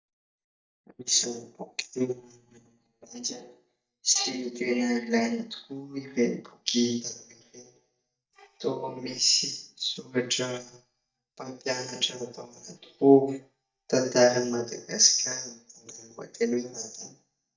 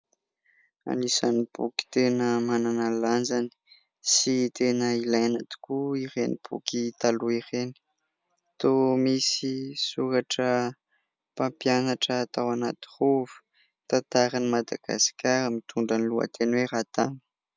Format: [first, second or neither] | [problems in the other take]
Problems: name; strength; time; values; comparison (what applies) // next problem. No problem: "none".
second | noise reduction (neural mask model DeepFilterNet 3)